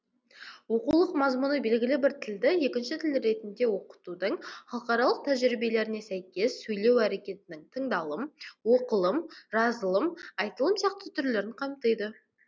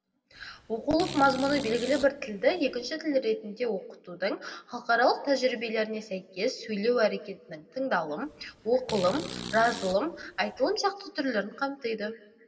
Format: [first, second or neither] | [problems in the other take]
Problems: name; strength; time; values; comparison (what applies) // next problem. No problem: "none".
first | background sound (Fart); 12 dB below the speech // room echo; dies away in 1.5 s